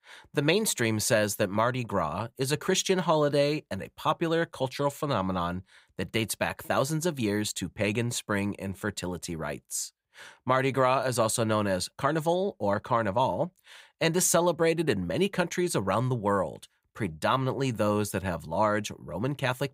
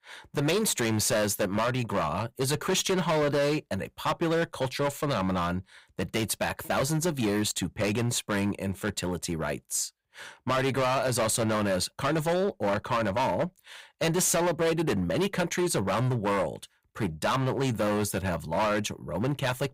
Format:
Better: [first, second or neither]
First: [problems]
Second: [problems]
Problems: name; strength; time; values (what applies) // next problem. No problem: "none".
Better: first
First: none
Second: distortion; heavy; 15% of the sound clipped